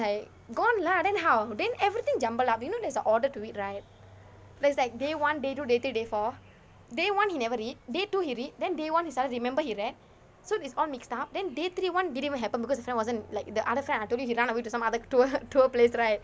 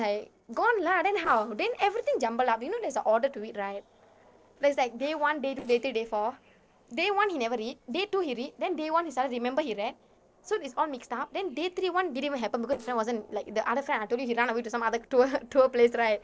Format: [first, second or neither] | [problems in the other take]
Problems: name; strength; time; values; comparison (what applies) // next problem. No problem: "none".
first | noise reduction (neural separator model SepFormer DNS4)